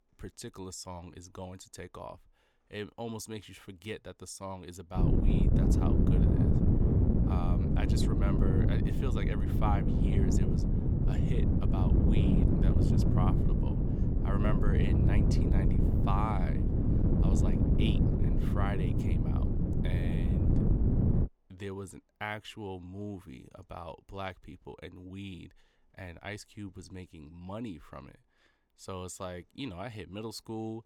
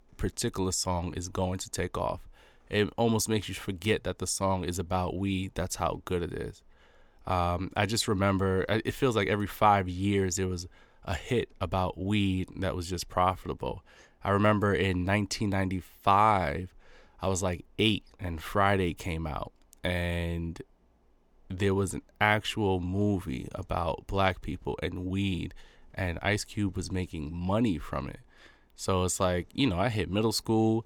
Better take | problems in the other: second | wind noise on the microphone; heavy; from 5 to 21 s; 4 dB above the speech

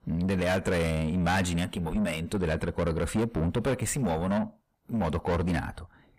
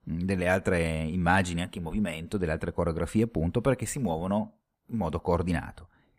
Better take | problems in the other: second | distortion; heavy; 8 dB below the speech

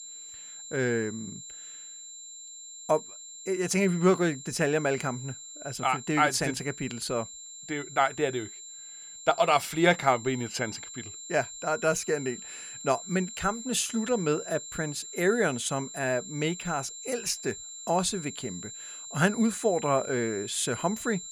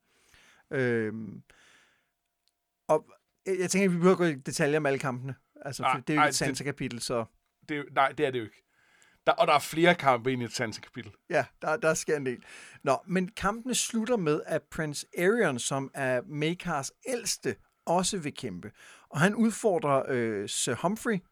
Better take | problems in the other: second | high-pitched whine; noticeable; throughout; 7.5 kHz, 10 dB below the speech

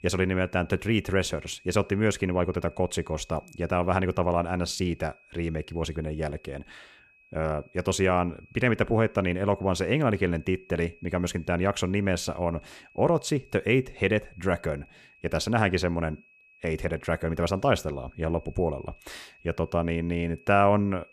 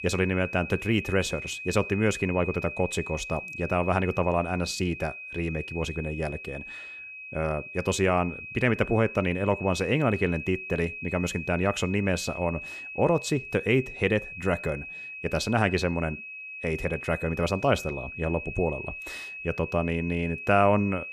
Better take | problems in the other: first | high-pitched whine; loud; throughout; 2.5 kHz, 9 dB below the speech; faint in the first

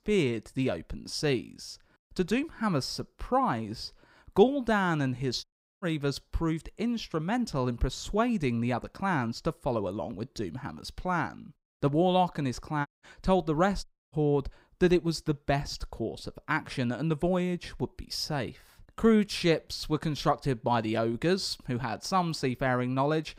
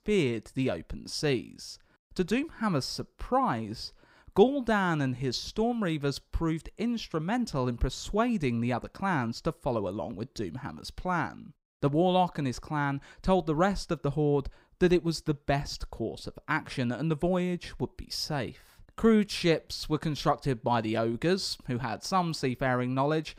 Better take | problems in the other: second | audio cutting out; at 5.5 s, at 13 s and at 14 s

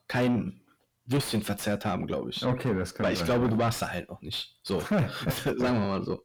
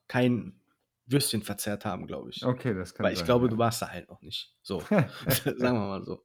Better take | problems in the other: second | distortion; heavy; 5 dB below the speech

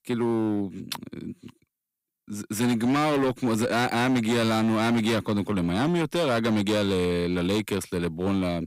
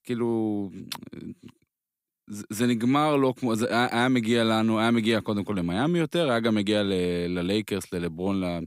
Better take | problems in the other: second | distortion; slight; 16% of the sound clipped

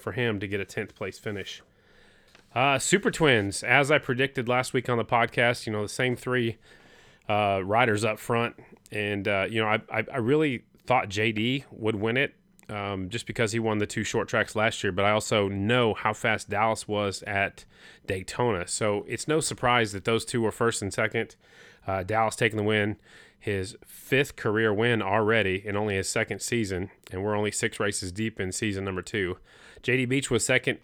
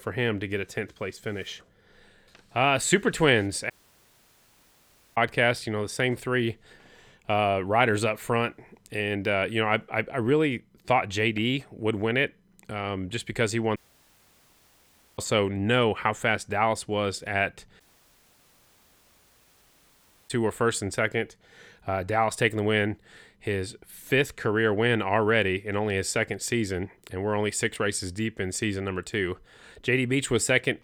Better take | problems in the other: first | audio cutting out; at 3.5 s for 1.5 s, at 14 s for 1.5 s and at 18 s for 2.5 s

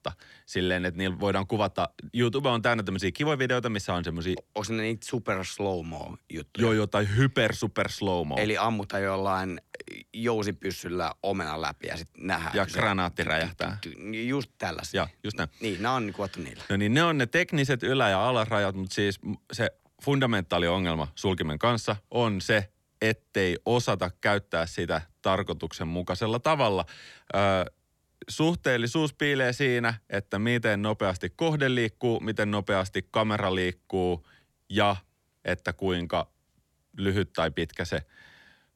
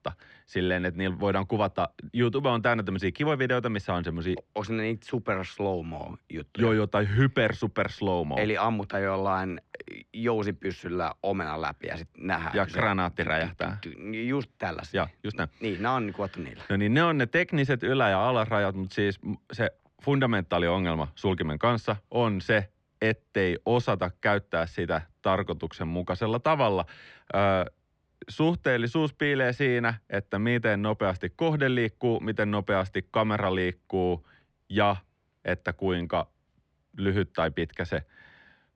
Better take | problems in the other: first | muffled; slightly; fading above 3 kHz

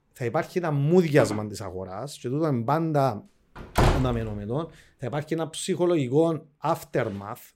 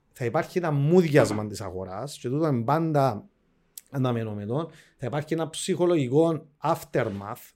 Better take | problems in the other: second | door banging; loud; at 3.5 s; peak 3 dB above the speech

